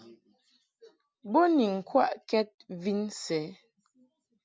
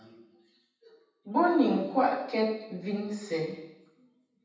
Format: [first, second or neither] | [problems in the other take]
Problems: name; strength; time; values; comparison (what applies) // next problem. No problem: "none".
first | room echo; dies away in 0.9 s